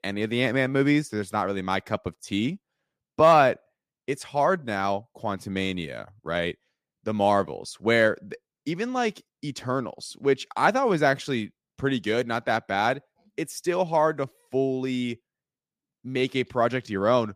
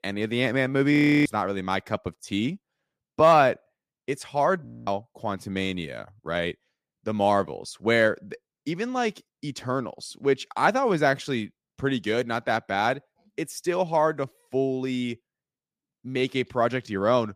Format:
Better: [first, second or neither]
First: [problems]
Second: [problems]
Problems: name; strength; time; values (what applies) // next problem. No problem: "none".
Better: first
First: none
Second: audio freezing; at 1 s and at 4.5 s